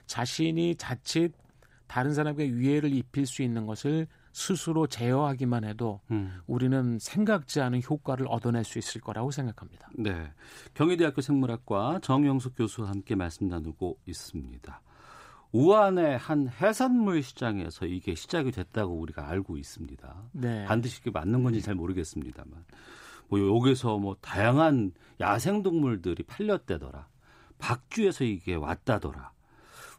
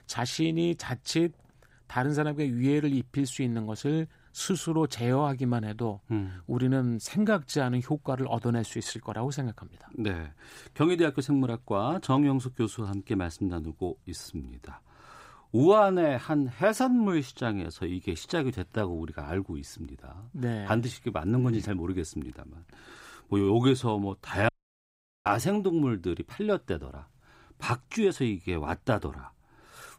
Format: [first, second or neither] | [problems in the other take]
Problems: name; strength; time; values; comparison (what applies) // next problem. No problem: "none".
first | audio cutting out; at 24 s for 1 s